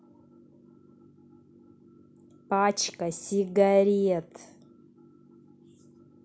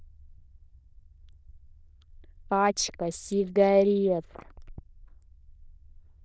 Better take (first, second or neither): first